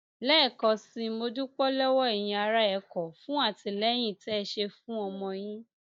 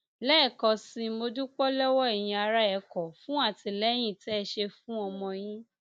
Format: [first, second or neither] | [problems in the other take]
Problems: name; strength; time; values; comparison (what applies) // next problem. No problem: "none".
second | noise reduction (neural mask model DeepFilterNet 3)